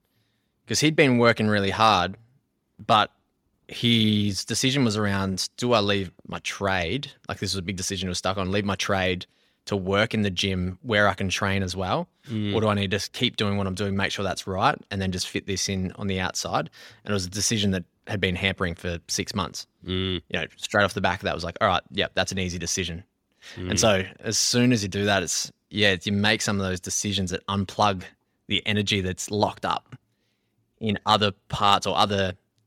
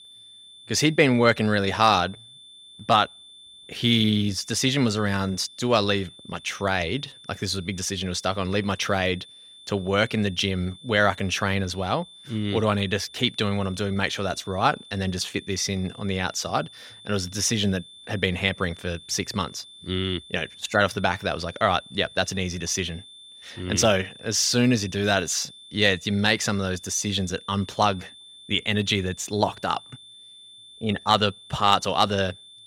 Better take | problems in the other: first | high-pitched whine; faint; throughout; 3.5 kHz, 20 dB below the speech

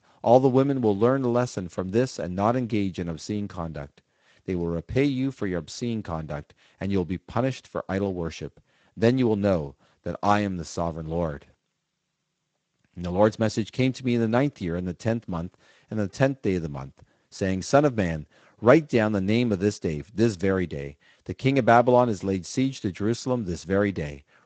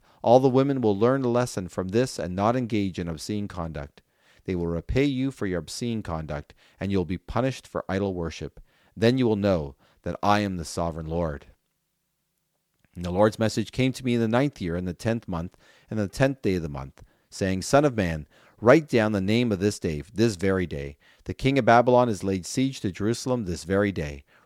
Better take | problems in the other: second | garbled, watery; slightly; nothing above 8 kHz

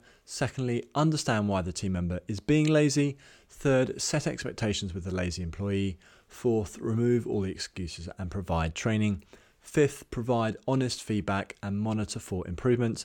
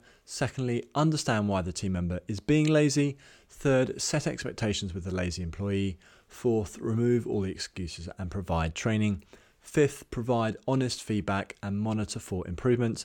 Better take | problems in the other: neither | none

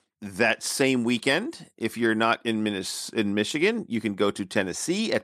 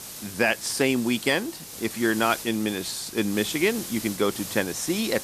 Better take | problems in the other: first | hiss; noticeable; throughout; 10 dB below the speech

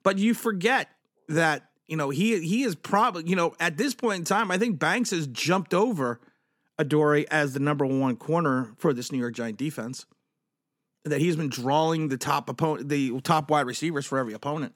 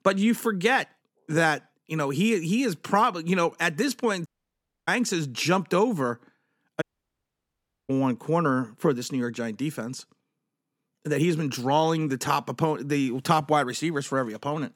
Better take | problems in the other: first | audio cutting out; at 4.5 s for 0.5 s and at 7 s for 1 s

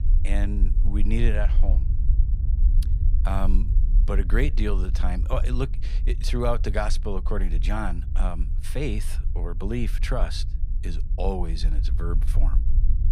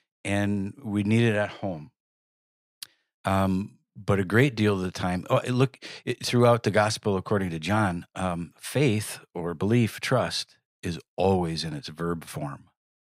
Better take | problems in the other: second | low rumble; noticeable; throughout; 15 dB below the speech

